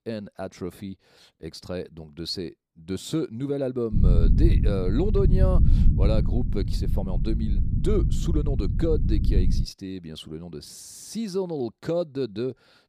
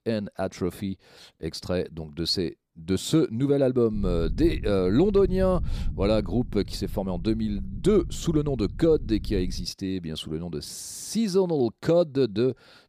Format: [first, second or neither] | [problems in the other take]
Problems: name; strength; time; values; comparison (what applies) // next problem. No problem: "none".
second | low rumble; loud; from 4 to 9.5 s; 6 dB below the speech; faint in the second